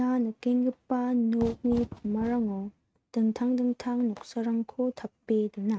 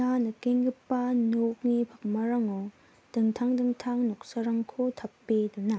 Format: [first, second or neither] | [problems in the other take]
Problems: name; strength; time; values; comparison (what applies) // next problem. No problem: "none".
second | noise reduction (neural mask model RNNoise)